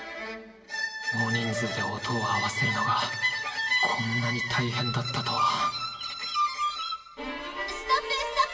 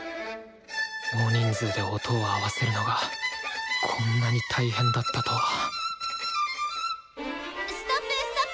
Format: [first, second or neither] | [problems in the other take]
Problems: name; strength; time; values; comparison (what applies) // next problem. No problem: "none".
second | background sound (Bird); 17 dB below the speech // room echo; dies away in 1.8 s